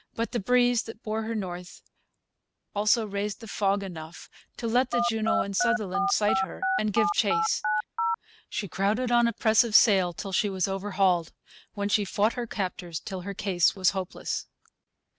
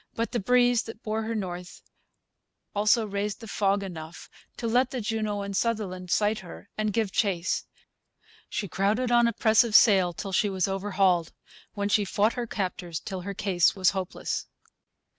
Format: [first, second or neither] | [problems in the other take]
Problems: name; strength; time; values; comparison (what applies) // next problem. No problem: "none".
second | background sound (Telephone); as loud as the speech